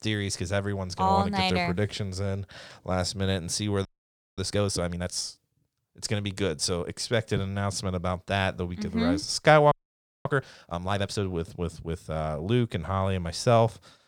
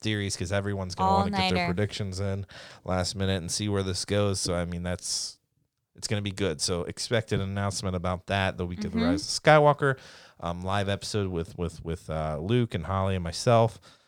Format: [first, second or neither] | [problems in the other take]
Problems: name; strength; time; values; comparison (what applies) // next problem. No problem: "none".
second | audio freezing; at 4 s for 0.5 s and at 9.5 s for 0.5 s